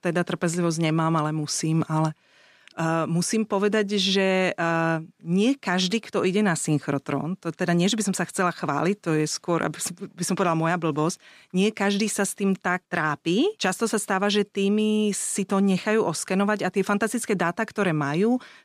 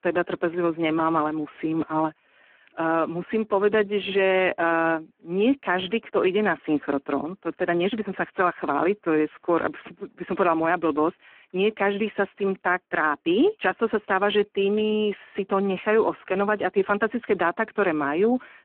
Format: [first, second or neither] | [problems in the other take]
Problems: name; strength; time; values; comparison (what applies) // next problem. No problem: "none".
first | phone-call audio; poor line